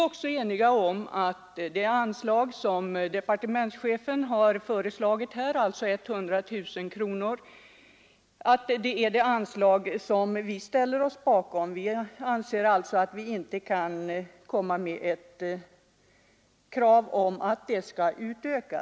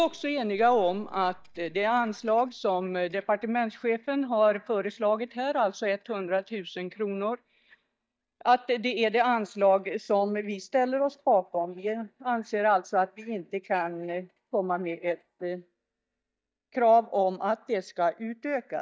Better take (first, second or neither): first